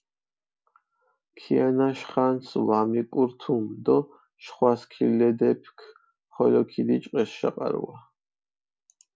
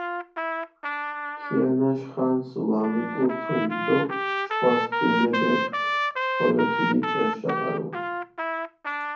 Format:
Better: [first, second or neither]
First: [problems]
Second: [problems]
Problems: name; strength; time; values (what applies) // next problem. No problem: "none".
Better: first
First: none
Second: background sound (Trumpet); 2 dB below the speech // room echo; dies away in 0.6 s